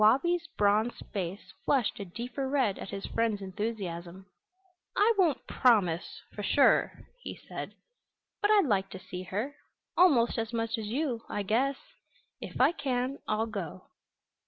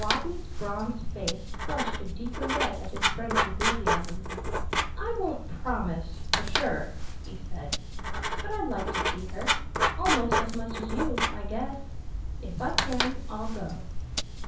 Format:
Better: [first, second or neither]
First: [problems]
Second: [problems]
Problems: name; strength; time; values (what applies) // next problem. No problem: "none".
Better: first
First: none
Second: background sound (Writing); 5 dB above the speech // room echo; dies away in 0.6 s